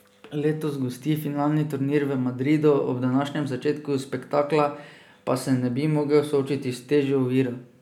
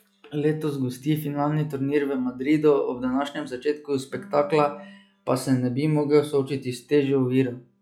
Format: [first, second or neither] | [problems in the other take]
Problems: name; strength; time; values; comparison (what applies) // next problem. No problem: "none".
first | noise reduction (classical method log-MMSE)